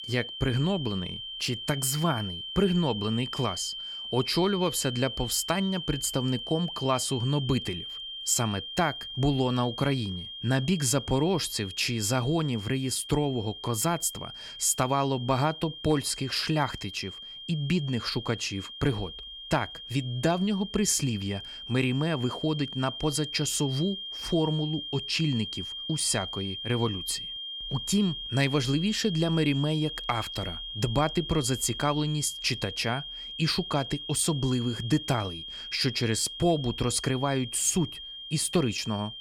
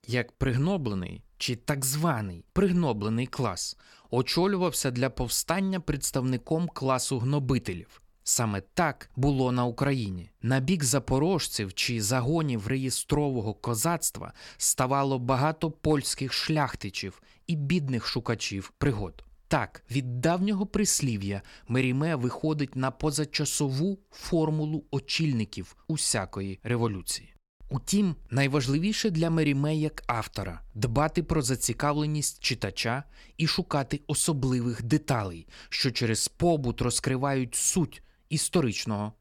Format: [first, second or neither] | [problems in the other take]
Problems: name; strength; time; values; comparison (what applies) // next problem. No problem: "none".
second | high-pitched whine; loud; throughout; 3 kHz, 8 dB below the speech